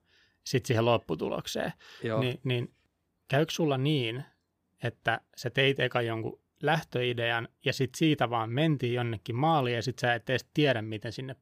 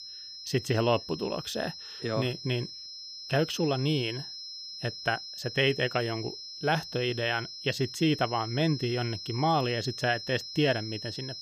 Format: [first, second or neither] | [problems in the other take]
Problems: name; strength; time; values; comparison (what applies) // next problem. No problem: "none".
first | high-pitched whine; loud; throughout; 5 kHz, 9 dB below the speech